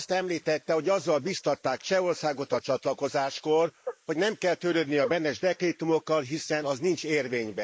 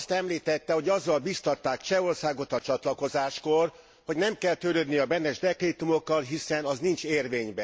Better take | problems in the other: second | noise reduction (neural mask model Resemble Enhance denoiser)

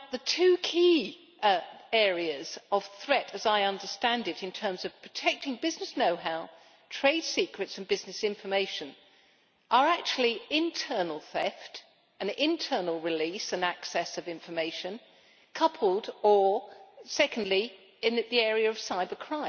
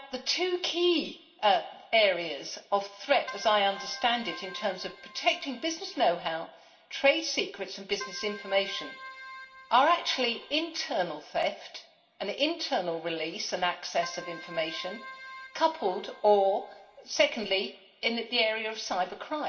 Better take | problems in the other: first | background sound (Keyboard (musical)); 16 dB below the speech // room echo; dies away in 0.3 s

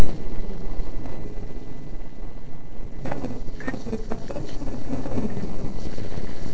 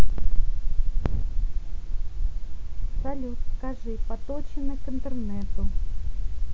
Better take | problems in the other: second | noise reduction (neural separator model SepFormer DNS4)

